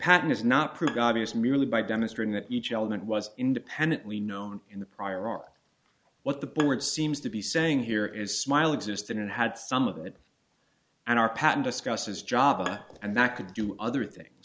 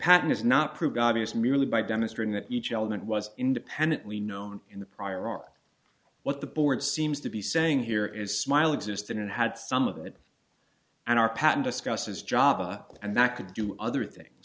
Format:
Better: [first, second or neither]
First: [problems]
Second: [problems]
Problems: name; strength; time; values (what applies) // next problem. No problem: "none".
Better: second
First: background sound (Bowed string instrument); 16 dB below the speech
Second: none